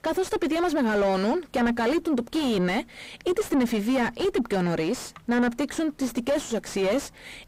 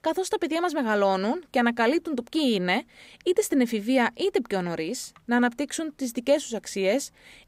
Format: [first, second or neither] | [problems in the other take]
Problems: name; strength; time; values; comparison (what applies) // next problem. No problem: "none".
second | distortion; heavy; 6 dB below the speech